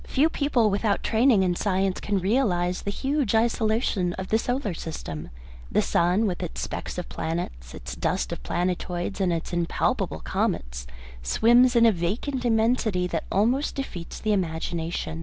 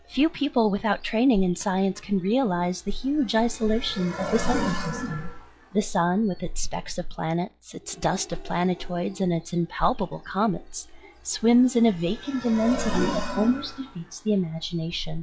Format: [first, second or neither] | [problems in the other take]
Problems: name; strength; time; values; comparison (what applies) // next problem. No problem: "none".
first | noise reduction (classical method log-MMSE)